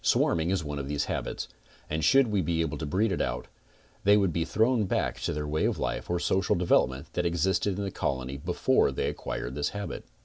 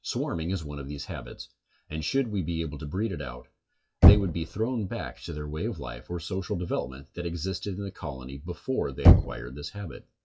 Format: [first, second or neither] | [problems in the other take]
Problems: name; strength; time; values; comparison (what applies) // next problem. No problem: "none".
first | noise reduction (classical method WPE with log-MMSE)